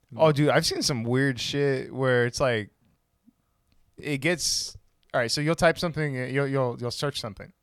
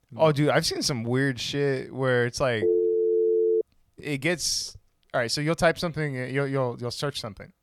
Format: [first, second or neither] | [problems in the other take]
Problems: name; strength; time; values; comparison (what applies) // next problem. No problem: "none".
first | phone ringing; loud; at 2.5 s; peak 3 dB above the speech